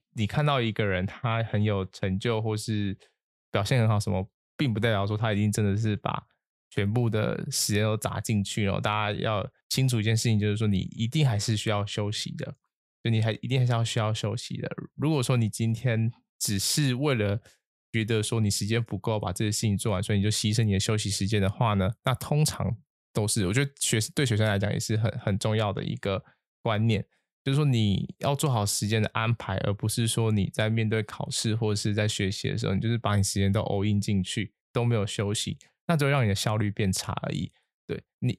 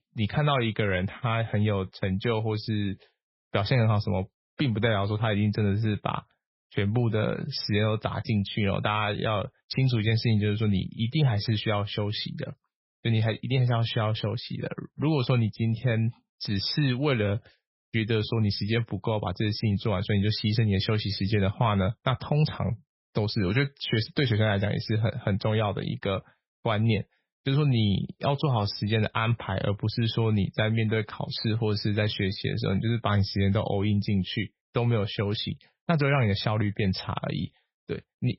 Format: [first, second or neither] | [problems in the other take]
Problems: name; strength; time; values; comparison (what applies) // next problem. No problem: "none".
first | garbled, watery; badly; nothing above 5.5 kHz